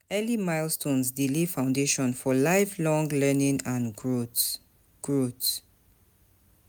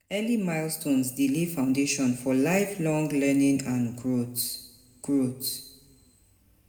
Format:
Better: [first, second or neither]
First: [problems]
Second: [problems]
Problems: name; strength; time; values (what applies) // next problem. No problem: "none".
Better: first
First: none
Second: room echo; dies away in 0.9 s